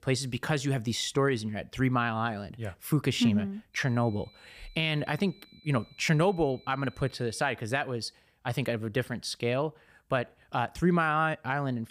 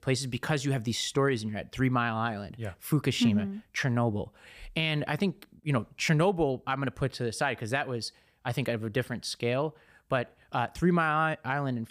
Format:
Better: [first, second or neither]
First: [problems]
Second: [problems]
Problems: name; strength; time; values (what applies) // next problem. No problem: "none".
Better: second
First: high-pitched whine; faint; from 3.5 to 7.5 s; 4 kHz, 25 dB below the speech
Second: none